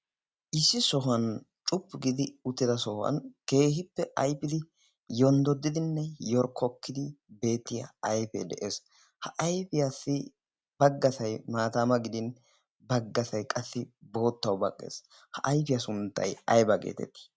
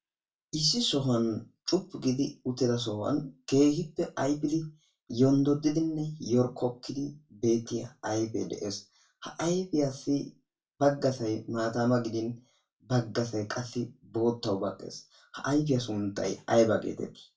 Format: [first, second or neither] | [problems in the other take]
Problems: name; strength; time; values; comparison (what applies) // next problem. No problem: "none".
first | room echo; dies away in 0.2 s